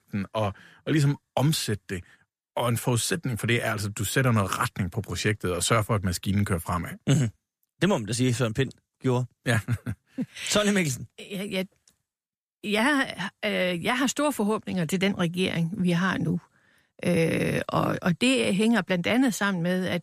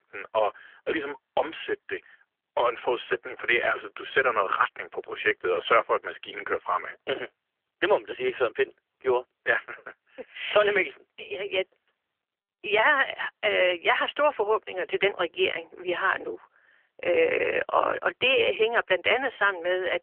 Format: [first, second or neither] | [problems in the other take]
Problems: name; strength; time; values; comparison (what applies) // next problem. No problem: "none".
first | phone-call audio; nothing above 3 kHz